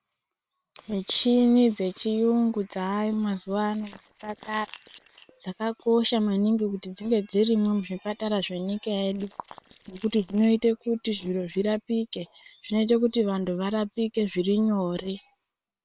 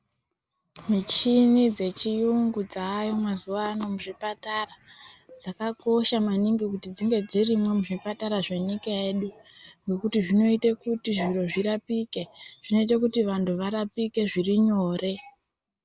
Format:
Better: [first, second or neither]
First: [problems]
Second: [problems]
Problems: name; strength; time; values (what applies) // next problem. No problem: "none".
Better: second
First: noise reduction (neural separator model SepFormer WHAM!)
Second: none